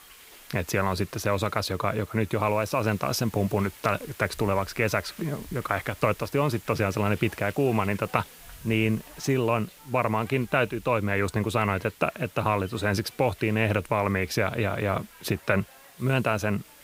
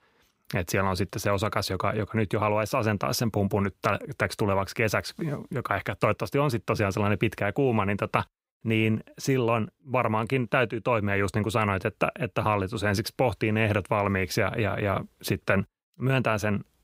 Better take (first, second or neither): second